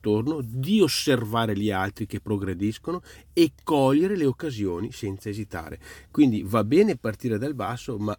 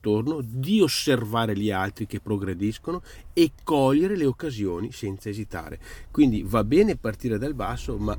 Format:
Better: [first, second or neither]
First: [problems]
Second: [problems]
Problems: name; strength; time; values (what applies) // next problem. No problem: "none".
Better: first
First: none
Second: traffic noise; faint; throughout; 25 dB below the speech